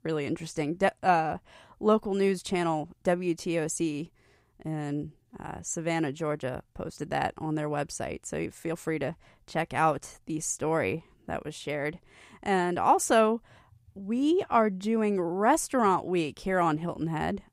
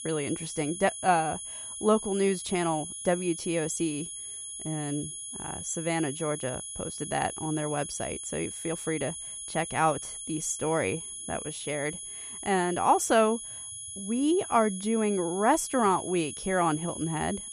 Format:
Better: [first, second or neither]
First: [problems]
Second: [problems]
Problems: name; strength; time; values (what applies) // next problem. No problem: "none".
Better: first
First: none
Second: high-pitched whine; loud; throughout; 10 kHz, 8 dB below the speech